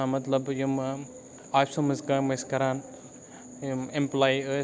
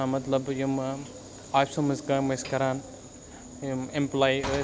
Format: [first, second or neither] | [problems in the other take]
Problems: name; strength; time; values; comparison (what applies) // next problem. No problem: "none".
first | background sound (Sliding door / Train); 16 dB below the speech